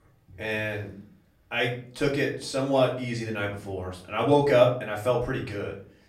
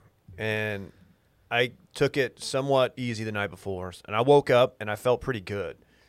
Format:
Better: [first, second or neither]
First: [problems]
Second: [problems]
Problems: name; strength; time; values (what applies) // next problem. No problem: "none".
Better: second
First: off-mic speech; far // room echo; slight; dies away in 0.4 s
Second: none